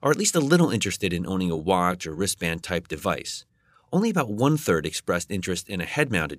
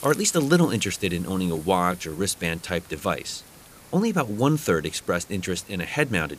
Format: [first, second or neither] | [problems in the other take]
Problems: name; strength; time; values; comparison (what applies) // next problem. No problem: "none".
first | hiss; faint; throughout; 20 dB below the speech